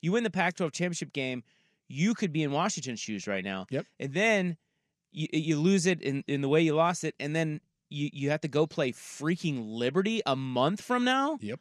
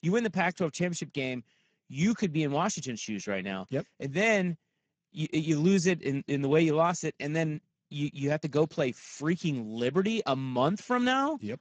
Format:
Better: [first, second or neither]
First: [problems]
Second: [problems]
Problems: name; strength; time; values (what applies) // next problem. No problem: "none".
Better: first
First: none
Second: garbled, watery; badly; nothing above 7.5 kHz